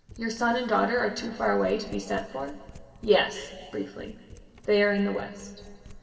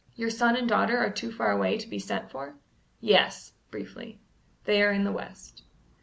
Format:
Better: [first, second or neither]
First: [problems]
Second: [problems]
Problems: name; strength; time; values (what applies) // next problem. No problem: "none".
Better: second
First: background sound (Domestic sounds, home sounds); 20 dB below the speech // room echo; dies away in 2.2 s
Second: none